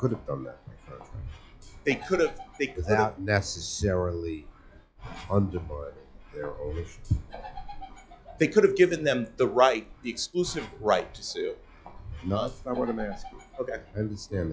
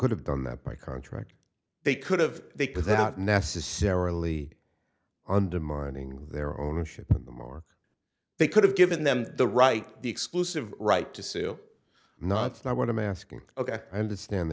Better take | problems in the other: second | noise reduction (classical method log-MMSE)

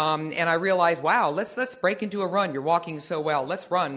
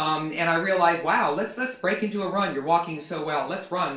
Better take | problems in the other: first | room echo; dies away in 0.3 s

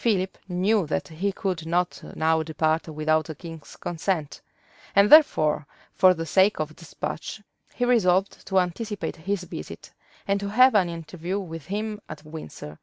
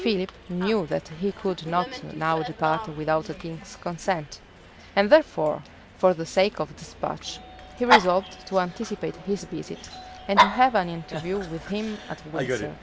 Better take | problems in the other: first | background sound (Dog); 5 dB below the speech

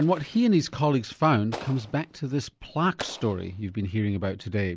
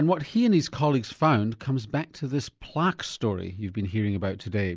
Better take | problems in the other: second | background sound (Explosion); 20 dB below the speech

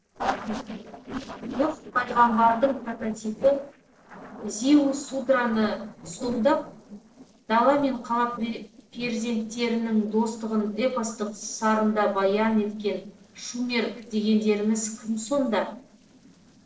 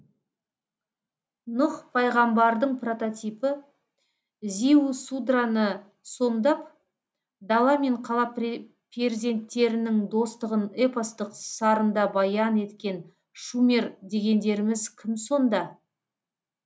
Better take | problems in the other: second | noise reduction (neural separator model SepFormer DNS4)

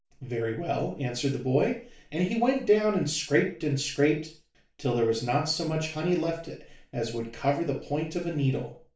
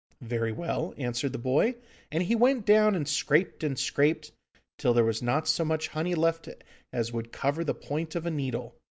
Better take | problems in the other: second | room echo; dies away in 0.3 s

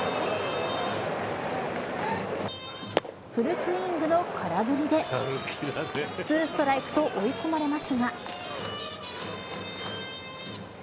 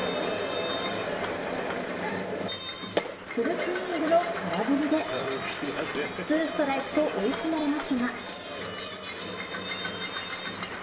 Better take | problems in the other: first | background sound (Train); 9 dB below the speech // room echo; dies away in 0.8 s

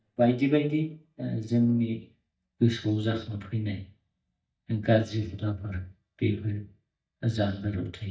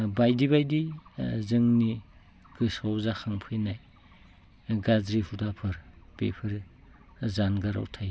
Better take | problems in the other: second | noise reduction (neural mask model DeepFilterNet 3)

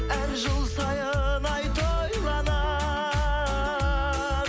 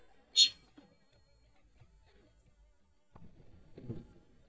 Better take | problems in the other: first | noise reduction (neural mask model DeepFilterNet 3)

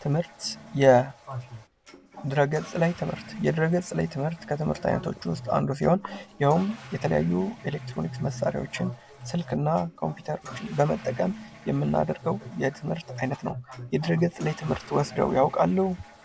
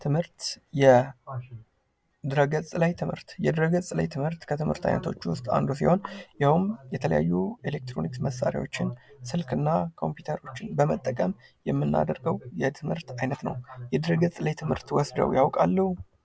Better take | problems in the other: second | background sound (Toilet flush / Water); 19 dB below the speech

